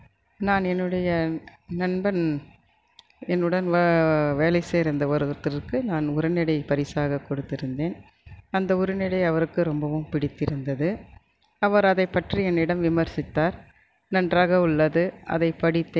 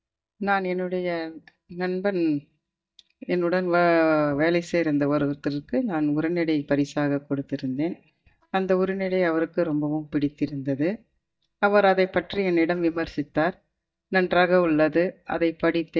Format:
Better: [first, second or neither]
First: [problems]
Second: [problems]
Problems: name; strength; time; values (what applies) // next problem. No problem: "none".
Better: first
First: none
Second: noise reduction (neural mask model DeepFilterNet 3)